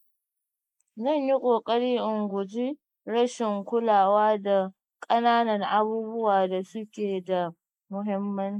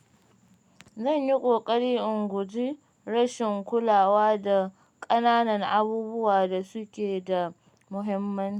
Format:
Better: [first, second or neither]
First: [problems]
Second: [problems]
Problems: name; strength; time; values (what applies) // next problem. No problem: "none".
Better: second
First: noise reduction (neural mask model Resemble Enhance denoiser)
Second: none